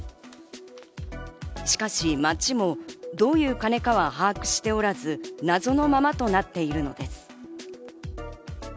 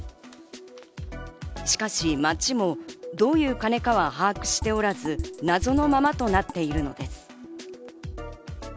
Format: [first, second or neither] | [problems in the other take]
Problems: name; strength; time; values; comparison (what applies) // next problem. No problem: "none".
first | background sound (Drum kit); 8 dB below the speech